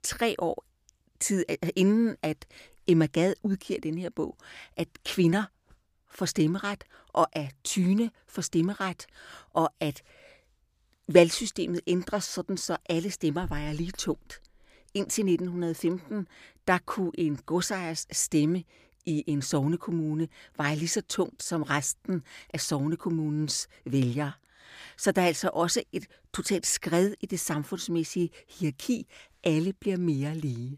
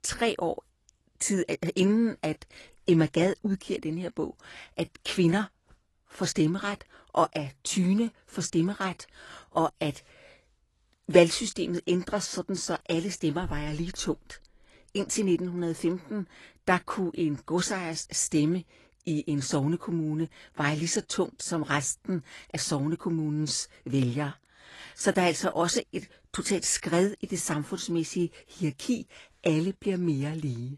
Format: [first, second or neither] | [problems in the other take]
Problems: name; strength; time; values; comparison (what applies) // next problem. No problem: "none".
first | garbled, watery; slightly; nothing above 11 kHz